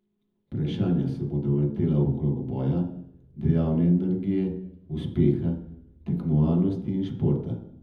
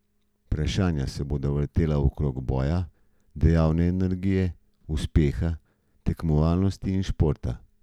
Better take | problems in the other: second | room echo; dies away in 0.8 s

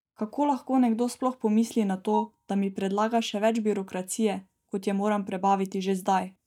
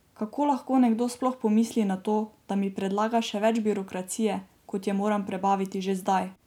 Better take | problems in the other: second | noise reduction (neural mask model DeepFilterNet 3)

